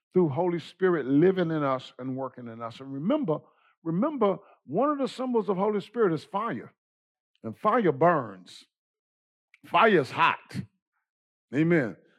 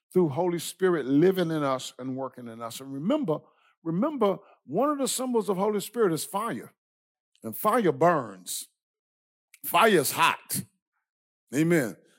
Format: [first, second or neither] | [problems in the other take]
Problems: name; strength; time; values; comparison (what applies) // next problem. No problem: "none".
second | muffled; slightly; fading above 2.5 kHz